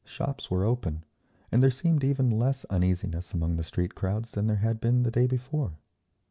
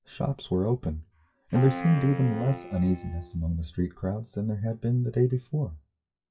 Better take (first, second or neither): first